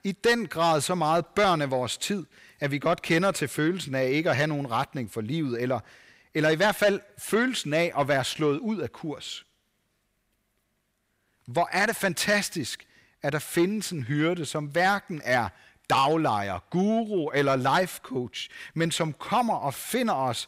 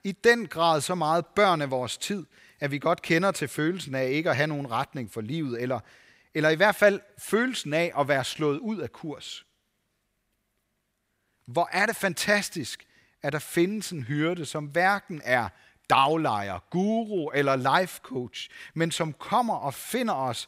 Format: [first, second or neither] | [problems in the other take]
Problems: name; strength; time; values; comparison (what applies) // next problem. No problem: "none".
second | distortion; slight; 10 dB below the speech